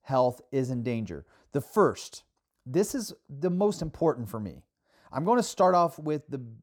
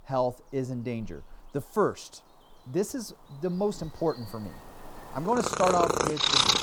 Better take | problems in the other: first | animal sounds; very loud; throughout; 5 dB above the speech

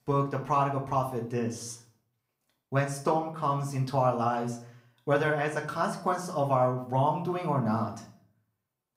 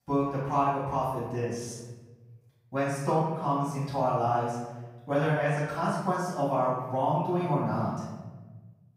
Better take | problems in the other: first | room echo; strong; dies away in 1.2 s; slight in the first // off-mic speech; far; somewhat distant in the first

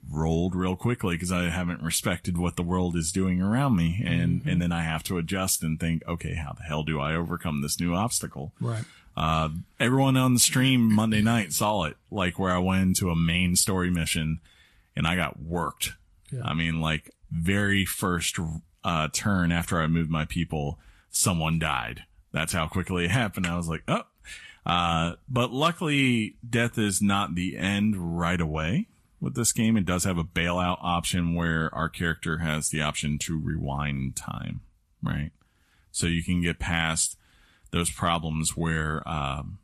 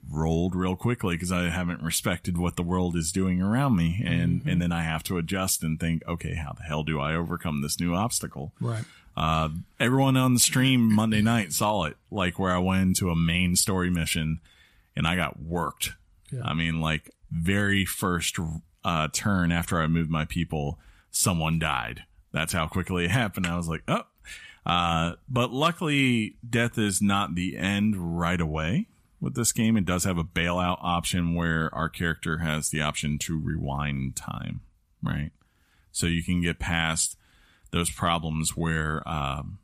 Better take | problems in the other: second | garbled, watery; slightly; nothing above 12.5 kHz

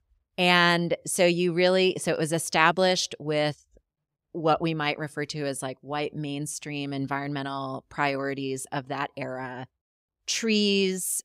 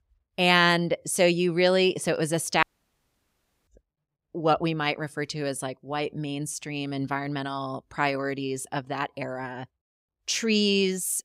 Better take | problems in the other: first | audio cutting out; at 2.5 s for 1 s

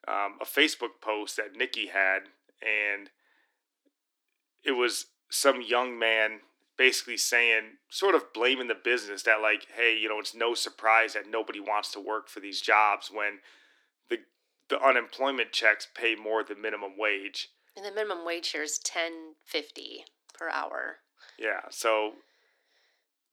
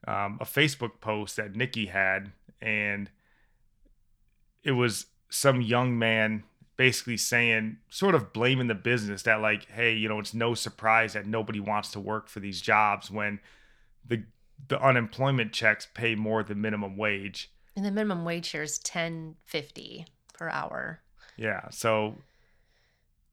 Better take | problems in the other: second | thin; somewhat; fading below 300 Hz

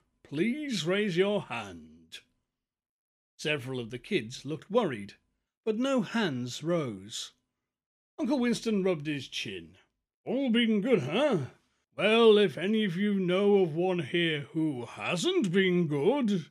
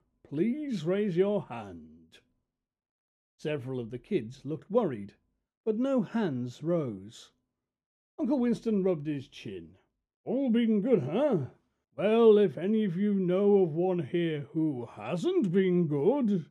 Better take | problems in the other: first | muffled; slightly; fading above 1.5 kHz

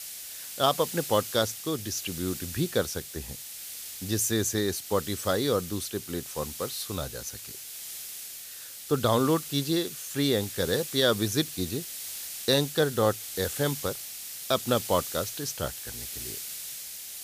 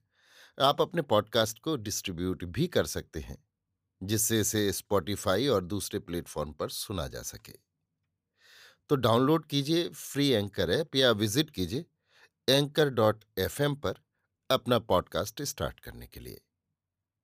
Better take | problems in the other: second | hiss; loud; throughout; 8 dB below the speech

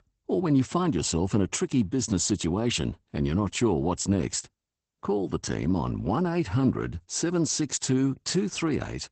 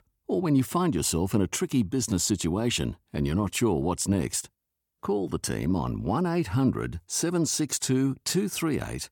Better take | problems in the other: second | garbled, watery; badly; nothing above 8 kHz

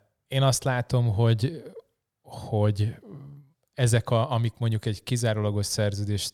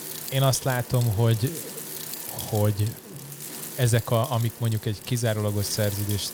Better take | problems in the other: first | wind noise on the microphone; heavy; 9 dB below the speech

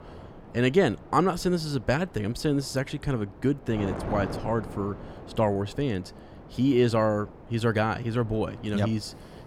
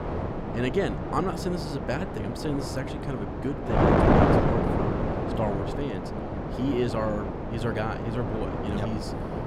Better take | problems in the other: first | wind noise on the microphone; heavy; 3 dB above the speech; occasional gusts in the first

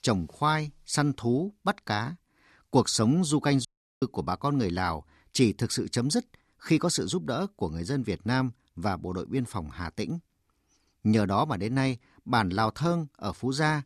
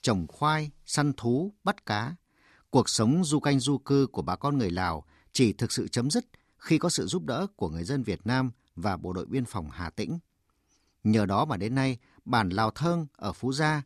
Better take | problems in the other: second | audio cutting out; at 3.5 s

